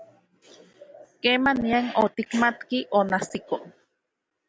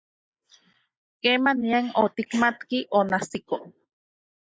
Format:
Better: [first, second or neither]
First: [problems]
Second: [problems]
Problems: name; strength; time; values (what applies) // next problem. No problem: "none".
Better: first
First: none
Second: noise reduction (neural mask model Resemble Enhance denoiser)